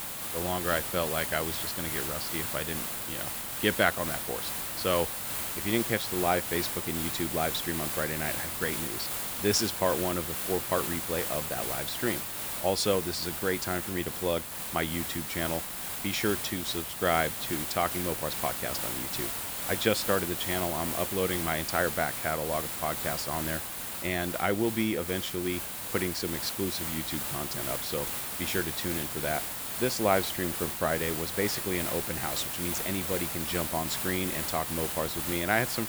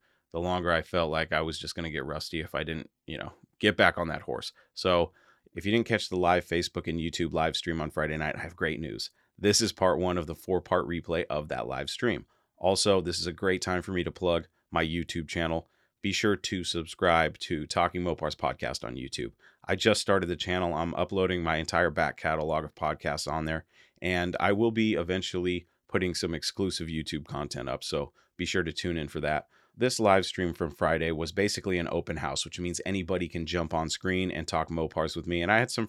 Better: second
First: hiss; loud; throughout; 1 dB below the speech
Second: none

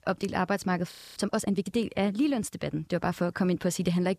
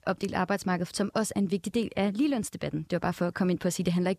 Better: second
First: audio freezing; at 1 s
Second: none

